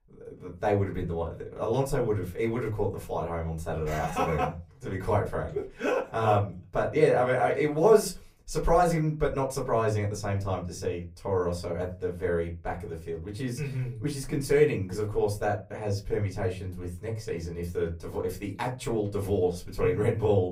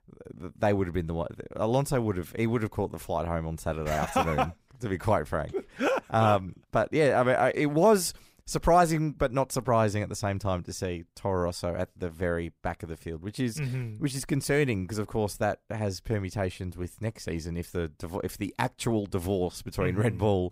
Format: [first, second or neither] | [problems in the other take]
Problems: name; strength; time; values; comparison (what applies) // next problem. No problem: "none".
second | off-mic speech; far // room echo; very slight; dies away in 0.3 s